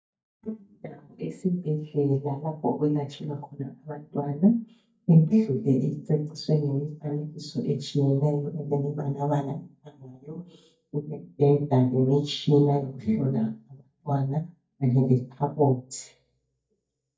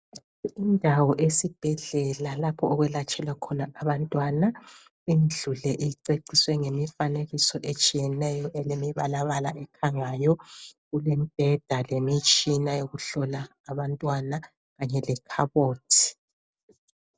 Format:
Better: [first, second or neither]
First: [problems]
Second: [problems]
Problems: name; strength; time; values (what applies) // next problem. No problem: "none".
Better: second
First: noise reduction (neural mask model DeepFilterNet 3)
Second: none